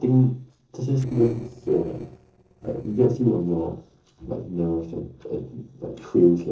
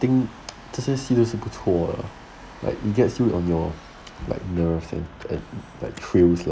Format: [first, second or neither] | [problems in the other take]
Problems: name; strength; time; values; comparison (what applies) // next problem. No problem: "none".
second | noise reduction (neural separator model SepFormer DNS4)